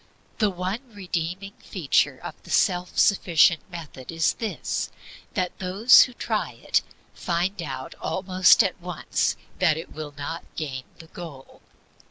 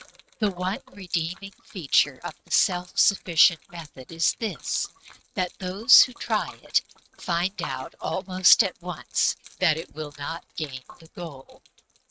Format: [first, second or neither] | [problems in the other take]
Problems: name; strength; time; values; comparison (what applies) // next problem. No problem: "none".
first | noise reduction (neural mask model RNNoise)